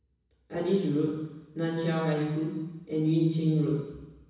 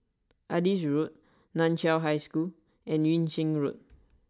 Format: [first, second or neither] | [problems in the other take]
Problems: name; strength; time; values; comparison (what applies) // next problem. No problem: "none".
second | room echo; dies away in 1.1 s